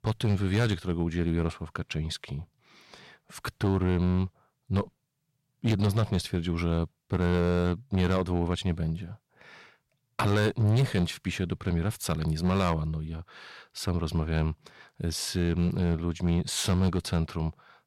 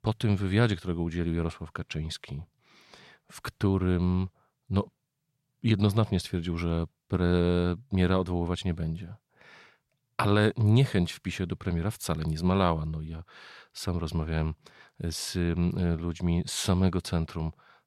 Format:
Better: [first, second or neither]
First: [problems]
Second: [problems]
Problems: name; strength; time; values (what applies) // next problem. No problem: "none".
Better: second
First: distortion; slight; 8% of the sound clipped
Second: none